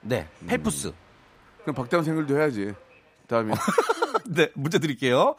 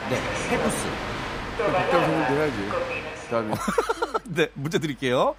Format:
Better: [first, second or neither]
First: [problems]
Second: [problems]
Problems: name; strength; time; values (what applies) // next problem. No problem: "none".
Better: first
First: train or aircraft noise; faint; throughout; 25 dB below the speech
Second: train or aircraft noise; loud; throughout; as loud as the speech